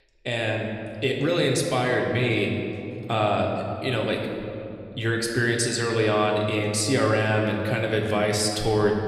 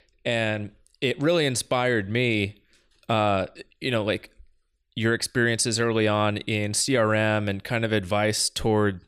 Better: second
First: room echo; noticeable; dies away in 2.4 s // off-mic speech; somewhat distant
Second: none

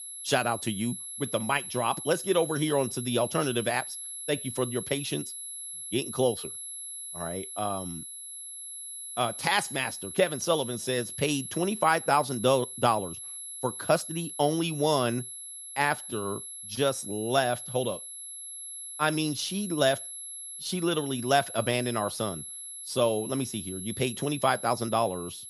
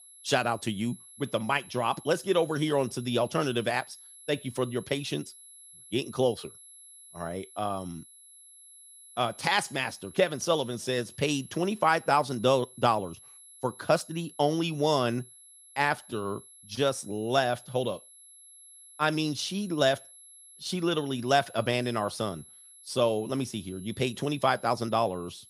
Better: second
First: high-pitched whine; loud; throughout; 11 kHz, 8 dB below the speech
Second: high-pitched whine; faint; throughout; 11 kHz, 20 dB below the speech

